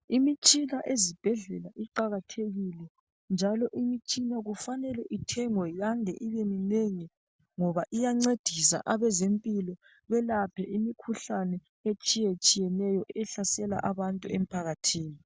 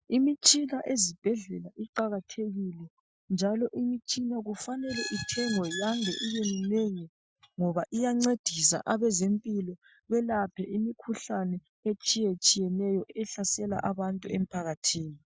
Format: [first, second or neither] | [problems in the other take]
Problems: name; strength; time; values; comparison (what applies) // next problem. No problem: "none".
first | noise reduction (classical method Wiener filter)